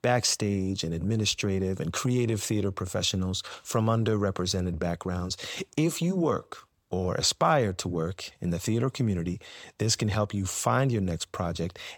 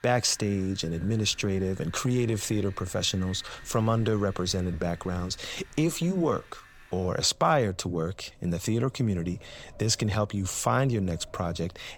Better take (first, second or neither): first